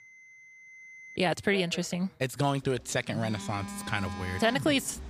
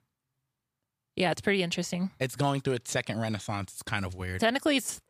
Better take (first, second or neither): second